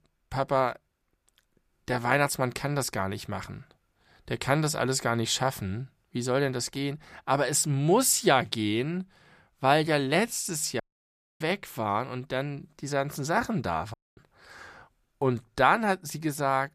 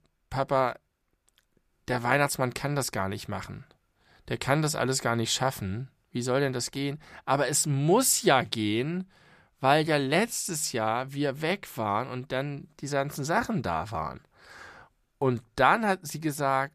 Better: second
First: audio cutting out; at 11 s for 0.5 s and at 14 s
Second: none

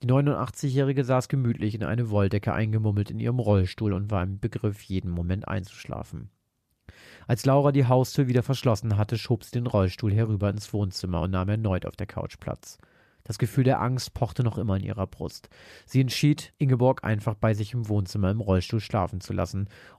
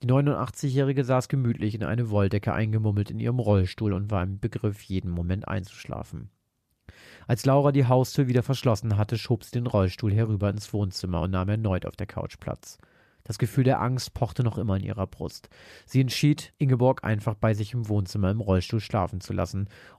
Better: neither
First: none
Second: none

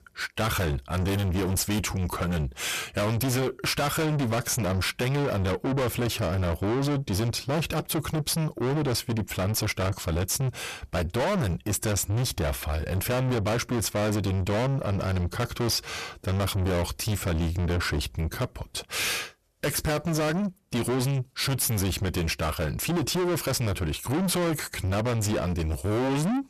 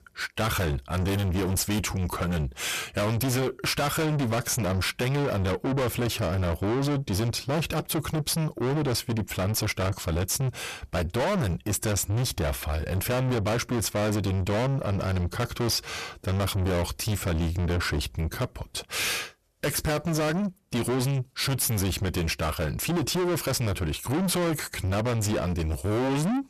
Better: neither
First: distortion; heavy; 5 dB below the speech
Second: distortion; heavy; 5 dB below the speech

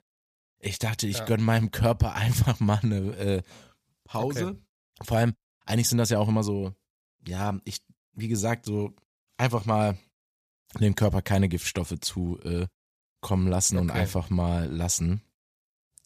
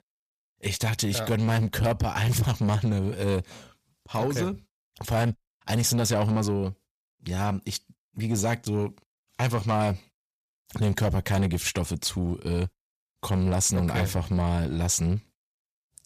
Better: first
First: none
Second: distortion; slight; 10 dB below the speech

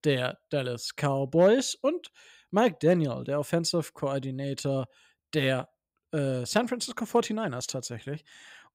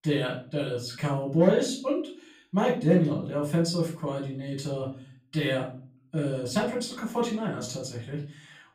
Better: first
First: none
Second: room echo; slight; dies away in 0.4 s // off-mic speech; far

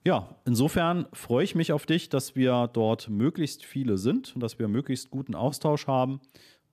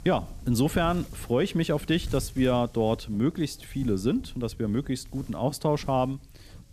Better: first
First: none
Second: wind noise on the microphone; occasional gusts; 25 dB below the speech

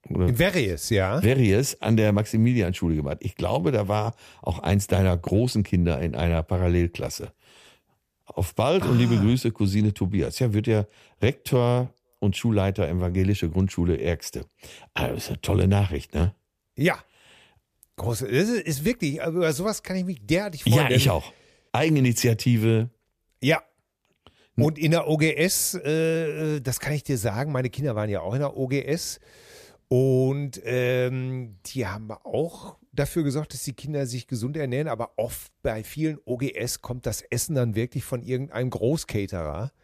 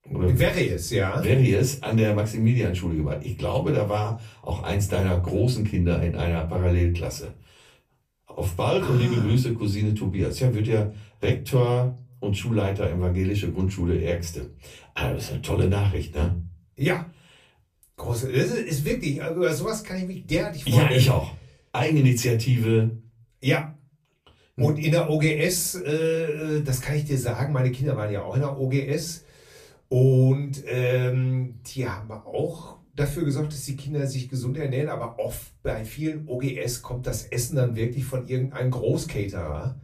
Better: first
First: none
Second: off-mic speech; far // room echo; very slight; dies away in 0.3 s

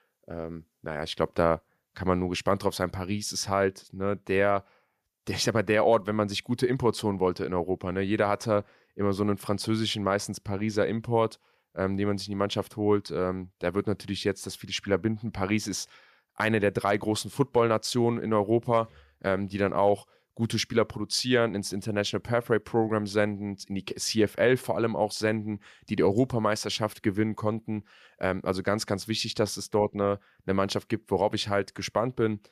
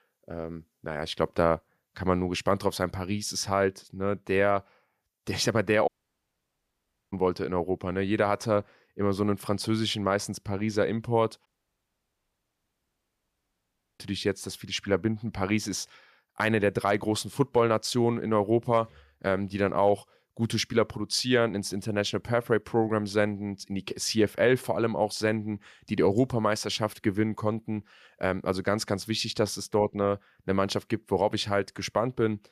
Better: first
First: none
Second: audio cutting out; at 6 s for 1 s and at 11 s for 2.5 s

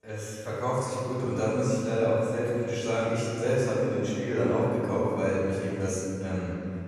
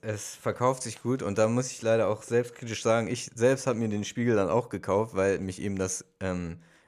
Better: second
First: room echo; strong; dies away in 3 s // off-mic speech; far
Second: none

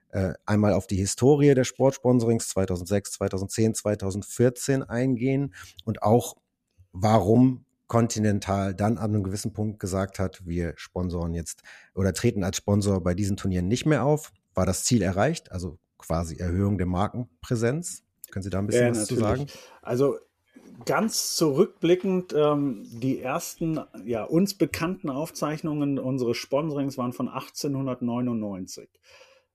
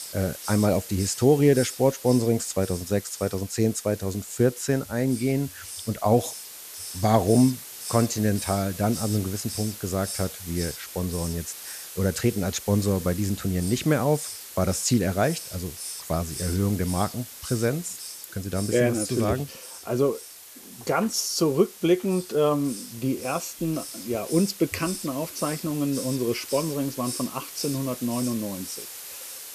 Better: first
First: none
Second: hiss; noticeable; throughout; 10 dB below the speech

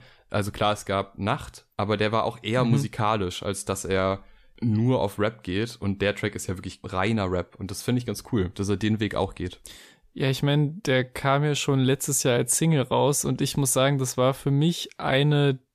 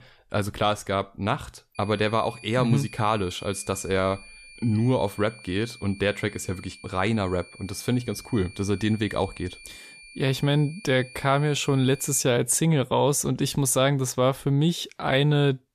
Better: first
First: none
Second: high-pitched whine; noticeable; from 2 to 12 s; 2.5 kHz, 20 dB below the speech

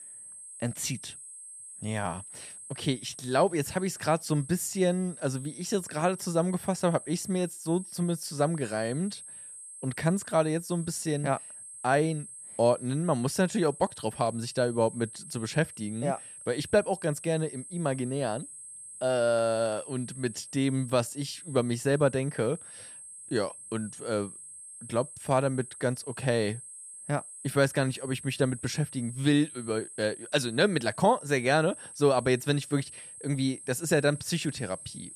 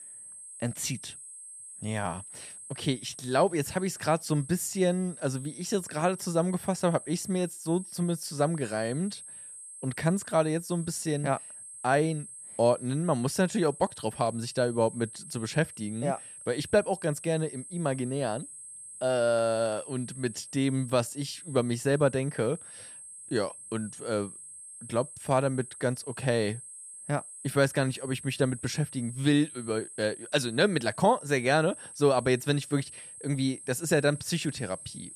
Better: neither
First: high-pitched whine; noticeable; throughout; 8.5 kHz, 15 dB below the speech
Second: high-pitched whine; noticeable; throughout; 8.5 kHz, 15 dB below the speech

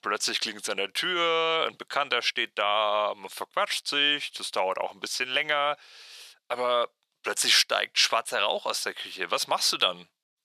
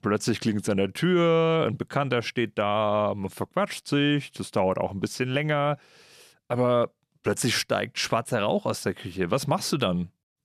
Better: second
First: thin; very; fading below 750 Hz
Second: none

